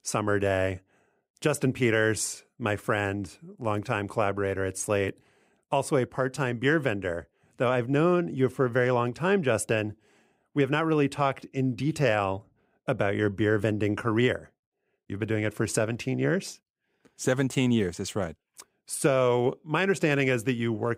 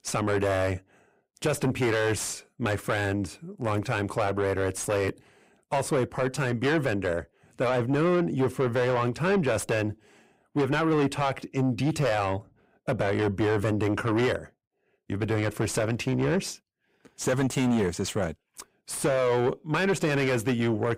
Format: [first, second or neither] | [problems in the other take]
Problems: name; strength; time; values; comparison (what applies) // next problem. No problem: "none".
first | distortion; heavy; 7 dB below the speech